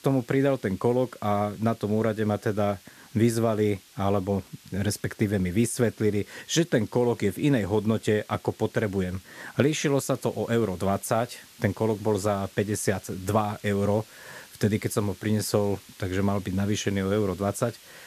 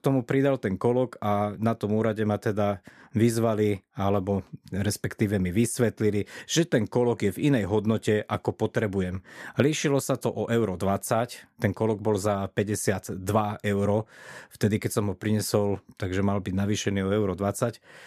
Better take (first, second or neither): second